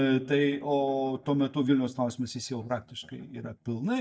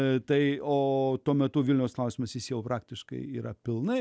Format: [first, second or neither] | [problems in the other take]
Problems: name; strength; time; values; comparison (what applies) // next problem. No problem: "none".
second | noise reduction (neural mask model DeepFilterNet 3)